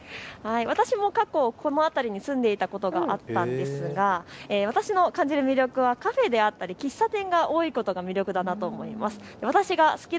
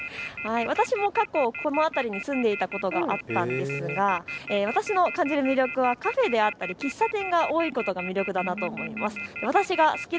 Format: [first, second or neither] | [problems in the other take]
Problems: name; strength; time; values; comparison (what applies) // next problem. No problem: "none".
first | background sound (Telephone); 10 dB below the speech